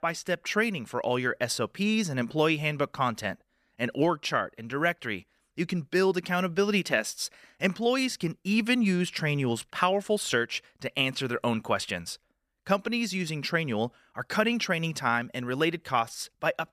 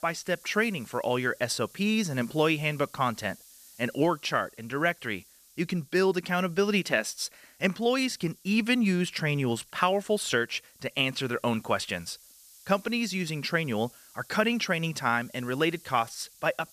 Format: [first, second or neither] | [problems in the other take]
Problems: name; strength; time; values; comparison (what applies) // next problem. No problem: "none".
first | hiss; faint; throughout; 25 dB below the speech